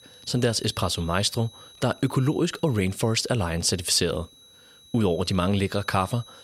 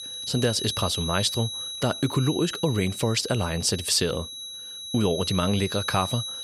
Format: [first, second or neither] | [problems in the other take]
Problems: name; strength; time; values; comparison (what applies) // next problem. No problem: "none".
first | high-pitched whine; loud; throughout; 4 kHz, 7 dB below the speech; faint in the first